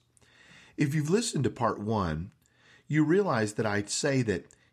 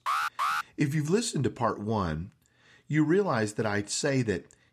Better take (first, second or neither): first